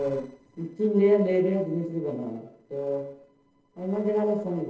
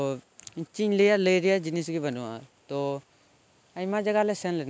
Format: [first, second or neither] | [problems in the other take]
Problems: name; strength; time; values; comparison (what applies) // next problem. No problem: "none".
second | noise reduction (neural separator model SepFormer DNS4)